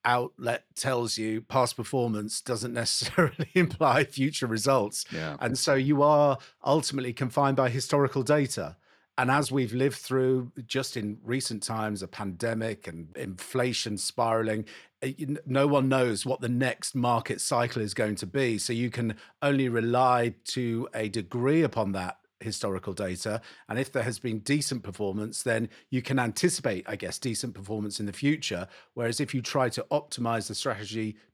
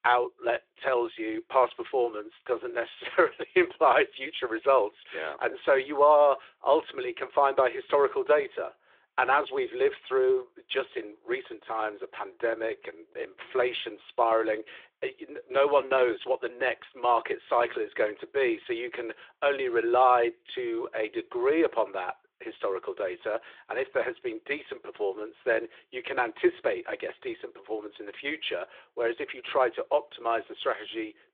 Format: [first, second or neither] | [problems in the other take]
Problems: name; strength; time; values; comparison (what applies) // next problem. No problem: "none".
first | phone-call audio